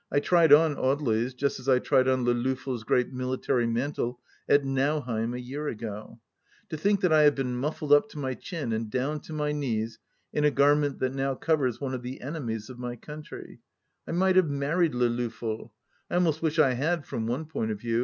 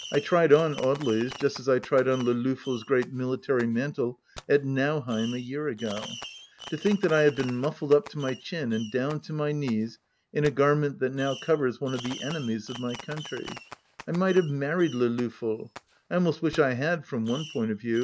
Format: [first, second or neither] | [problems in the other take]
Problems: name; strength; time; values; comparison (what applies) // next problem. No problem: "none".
first | background sound (Fireworks); 18 dB below the speech